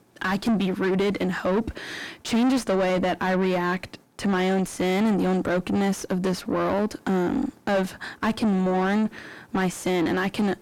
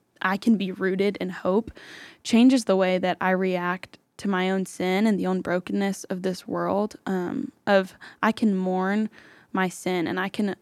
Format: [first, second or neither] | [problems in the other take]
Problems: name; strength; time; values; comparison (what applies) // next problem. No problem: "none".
second | distortion; heavy; 6 dB below the speech